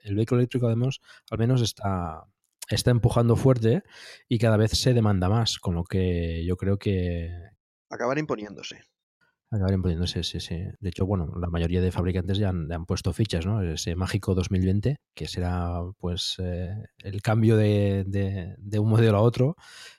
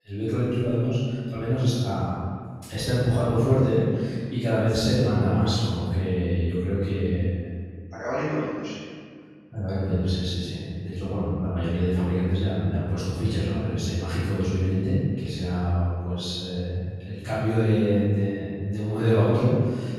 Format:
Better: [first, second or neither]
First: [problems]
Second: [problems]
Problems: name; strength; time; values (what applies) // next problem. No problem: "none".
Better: first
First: none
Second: off-mic speech; far // room echo; strong; dies away in 1.6 s